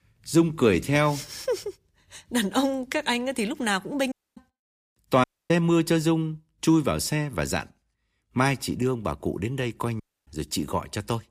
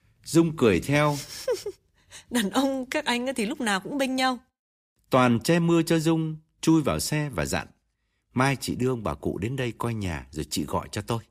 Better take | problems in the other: second | audio cutting out; at 4 s, at 5 s and at 10 s

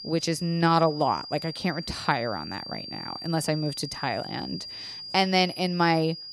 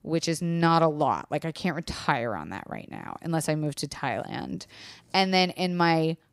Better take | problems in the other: second | high-pitched whine; noticeable; throughout; 5 kHz, 10 dB below the speech

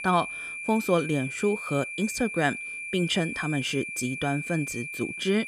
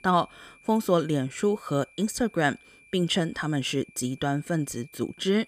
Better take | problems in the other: second | high-pitched whine; loud; throughout; 2.5 kHz, 6 dB below the speech; faint in the second

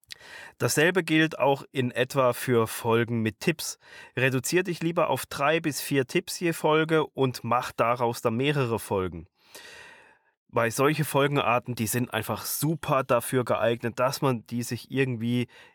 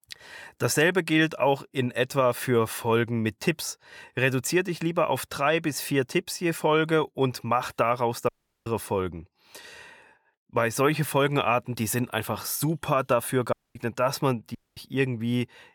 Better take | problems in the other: first | audio cutting out; at 8.5 s, at 14 s and at 15 s

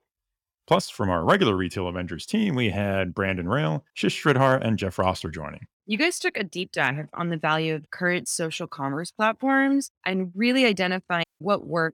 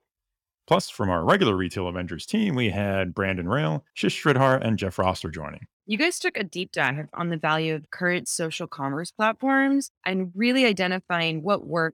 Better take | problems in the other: second | audio cutting out; at 11 s

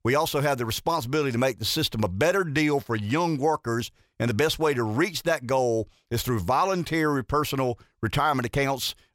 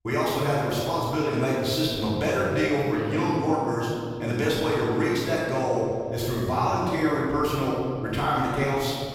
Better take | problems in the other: first | off-mic speech; far // room echo; strong; dies away in 2.3 s

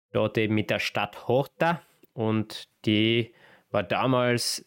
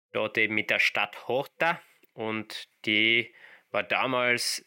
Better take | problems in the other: first | thin; somewhat; fading below 950 Hz

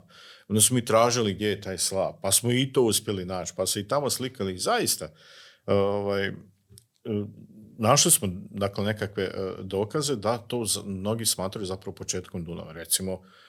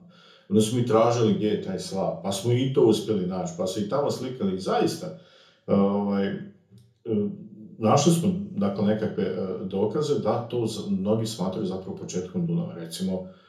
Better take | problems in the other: first | room echo; slight; dies away in 0.6 s // off-mic speech; far

